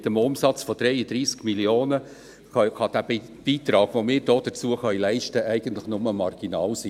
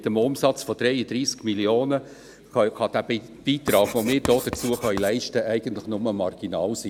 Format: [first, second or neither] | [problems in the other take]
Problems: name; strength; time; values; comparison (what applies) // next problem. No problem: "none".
first | background sound (Writing); 12 dB below the speech